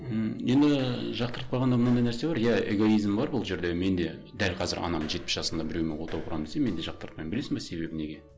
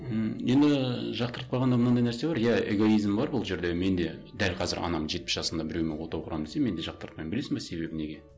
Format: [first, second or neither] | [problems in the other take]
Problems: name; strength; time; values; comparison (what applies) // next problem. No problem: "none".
second | background sound (Walk, footsteps); 13 dB below the speech